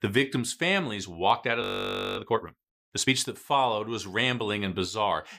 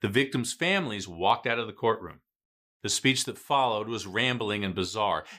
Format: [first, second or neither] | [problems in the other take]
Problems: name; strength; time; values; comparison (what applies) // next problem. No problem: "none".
second | audio freezing; at 1.5 s for 0.5 s